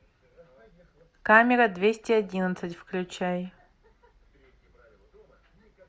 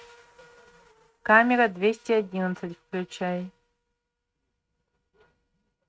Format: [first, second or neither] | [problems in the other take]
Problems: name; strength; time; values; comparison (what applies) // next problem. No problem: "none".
first | noise reduction (neural mask model RNNoise)